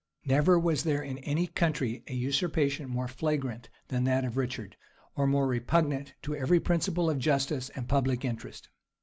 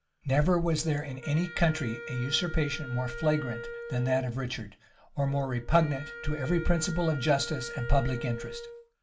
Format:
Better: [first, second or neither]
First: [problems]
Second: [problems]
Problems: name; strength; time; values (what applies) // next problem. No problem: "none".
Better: first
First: none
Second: background sound (Wind instrument, woodwind instrument); 13 dB below the speech // room echo; dies away in 0.2 s